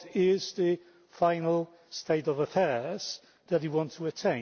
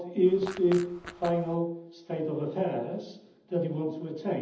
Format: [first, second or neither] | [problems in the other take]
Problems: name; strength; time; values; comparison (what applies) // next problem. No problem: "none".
first | background sound (Fart); 15 dB below the speech // room echo; dies away in 0.8 s